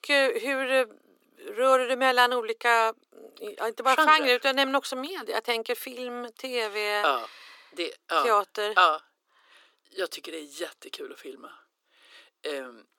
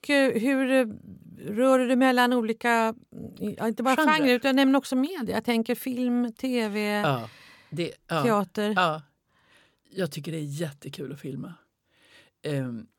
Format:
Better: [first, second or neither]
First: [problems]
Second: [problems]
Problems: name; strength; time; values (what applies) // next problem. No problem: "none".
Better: second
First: thin; very; fading below 350 Hz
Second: none